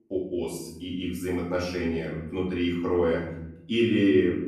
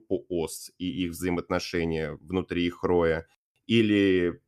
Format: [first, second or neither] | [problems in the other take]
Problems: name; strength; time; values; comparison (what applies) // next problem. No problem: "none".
second | off-mic speech; far // room echo; noticeable; dies away in 0.9 s